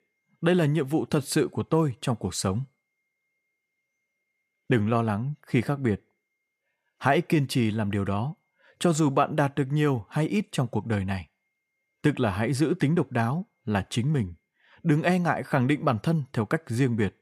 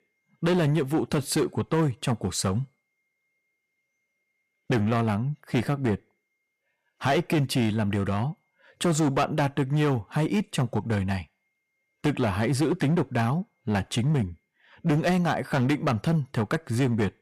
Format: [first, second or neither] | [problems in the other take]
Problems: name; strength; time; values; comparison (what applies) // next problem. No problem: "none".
first | distortion; slight; 9% of the sound clipped